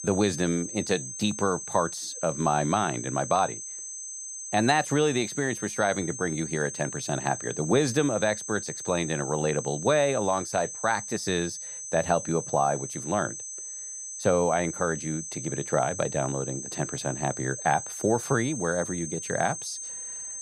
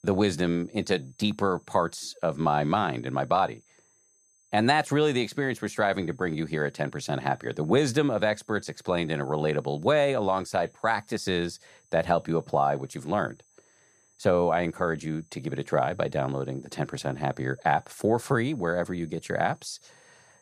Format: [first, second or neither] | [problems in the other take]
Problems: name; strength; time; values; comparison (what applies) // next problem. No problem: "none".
second | high-pitched whine; loud; throughout; 6.5 kHz, 7 dB below the speech; faint in the second